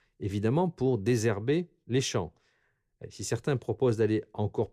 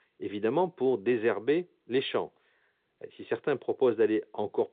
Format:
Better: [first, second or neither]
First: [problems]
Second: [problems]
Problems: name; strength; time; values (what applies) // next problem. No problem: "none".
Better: first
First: none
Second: phone-call audio; nothing above 3.5 kHz